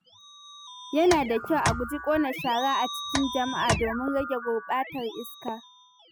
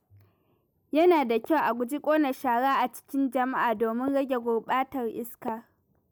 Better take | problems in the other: second | noise reduction (classical method spectral subtraction)

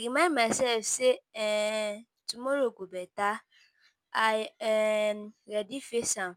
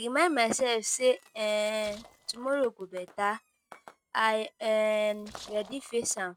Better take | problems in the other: first | noise reduction (neural mask model RNNoise)

